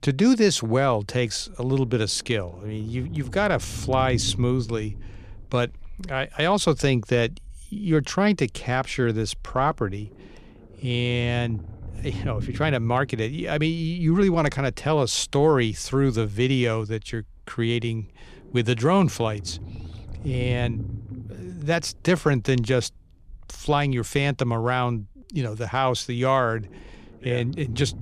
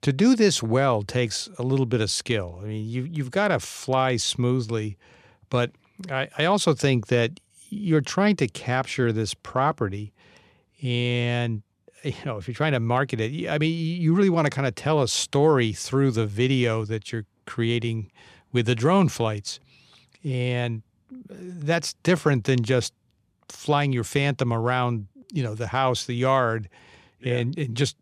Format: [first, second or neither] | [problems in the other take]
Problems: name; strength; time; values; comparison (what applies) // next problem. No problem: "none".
second | low rumble; faint; throughout; 20 dB below the speech